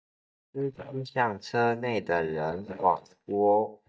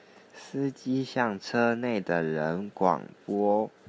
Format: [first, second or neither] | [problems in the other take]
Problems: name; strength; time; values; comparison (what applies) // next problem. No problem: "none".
second | noise reduction (neural mask model DeepFilterNet 3)